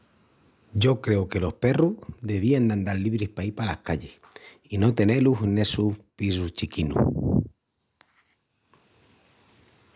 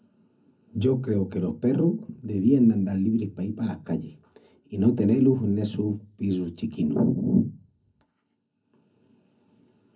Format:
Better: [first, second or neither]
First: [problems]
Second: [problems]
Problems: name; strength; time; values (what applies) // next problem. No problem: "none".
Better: first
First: none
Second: room echo; dies away in 0.4 s